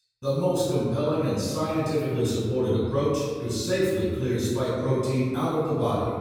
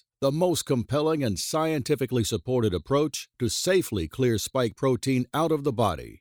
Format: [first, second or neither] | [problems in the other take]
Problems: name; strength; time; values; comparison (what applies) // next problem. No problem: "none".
second | off-mic speech; far // room echo; strong; dies away in 1.7 s